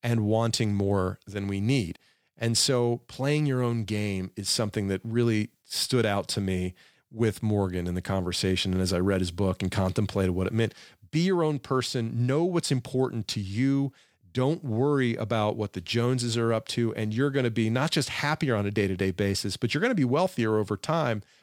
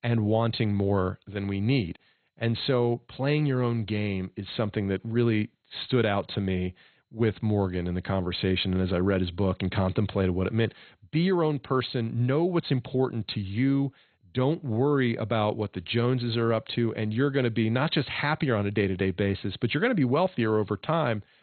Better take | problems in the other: first | garbled, watery; badly; nothing above 4 kHz

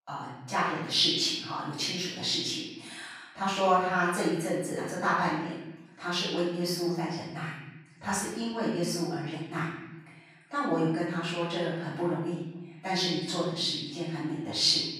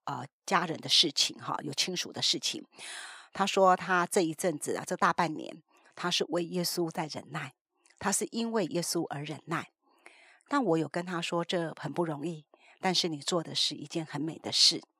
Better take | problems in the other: second | off-mic speech; far // room echo; strong; dies away in 1 s

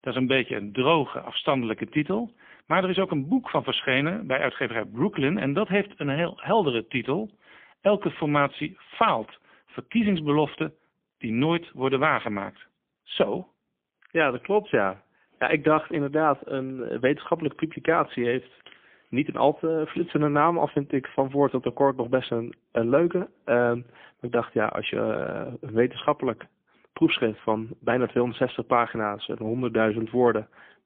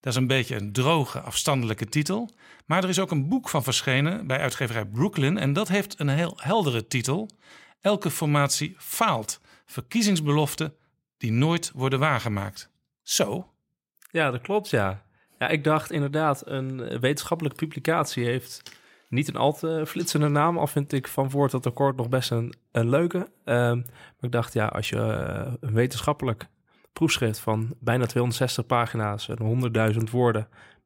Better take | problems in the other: second | phone-call audio; poor line; nothing above 3.5 kHz

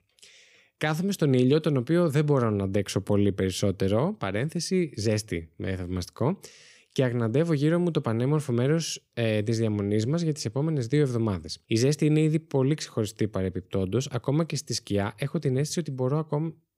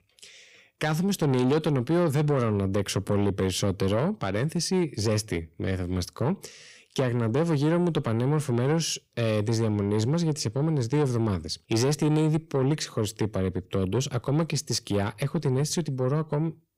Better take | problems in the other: first | distortion; slight; 10 dB below the speech

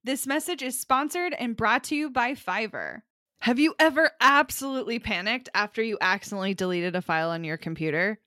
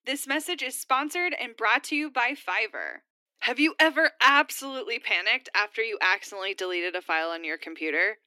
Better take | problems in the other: first | thin; very slightly; fading below 300 Hz

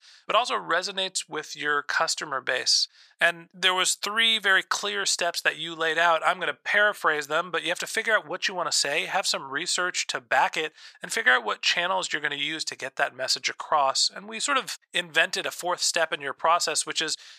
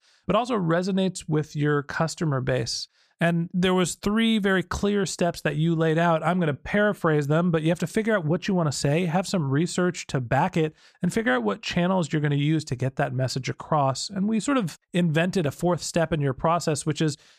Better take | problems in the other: second | thin; very; fading below 900 Hz

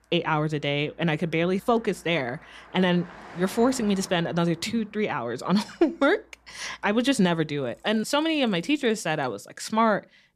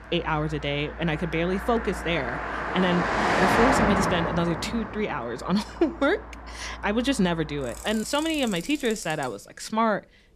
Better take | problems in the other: first | traffic noise; loud; throughout; 1 dB below the speech; faint in the first

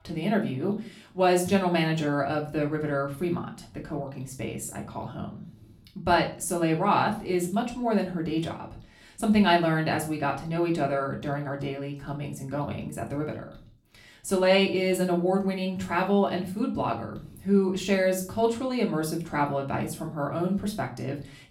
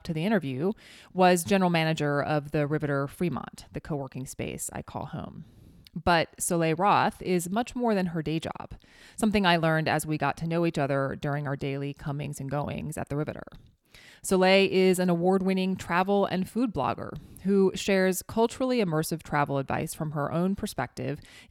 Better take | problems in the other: second | room echo; slight; dies away in 0.3 s // off-mic speech; far

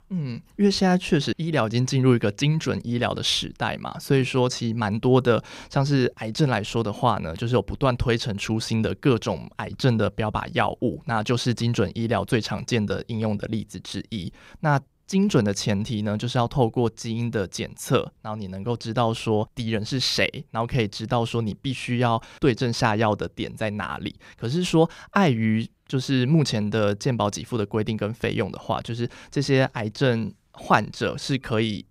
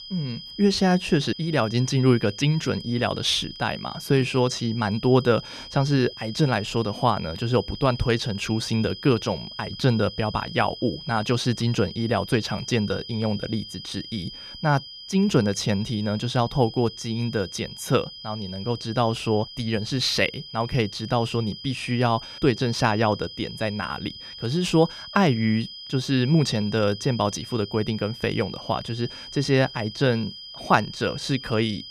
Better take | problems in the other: first | high-pitched whine; noticeable; throughout; 5 kHz, 15 dB below the speech

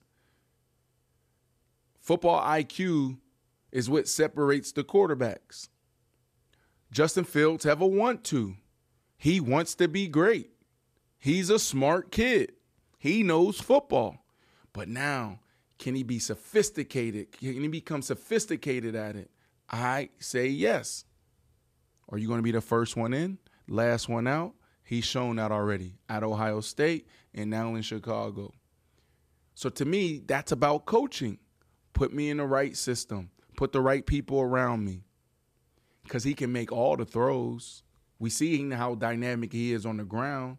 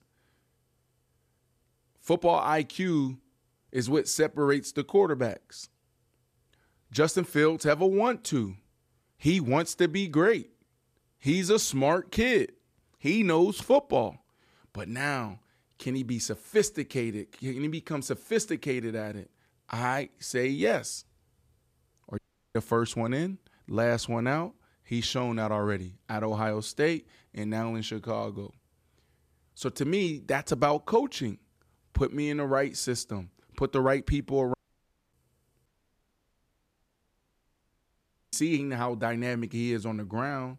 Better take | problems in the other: first | audio cutting out; at 22 s, at 35 s for 0.5 s and at 36 s for 2.5 s

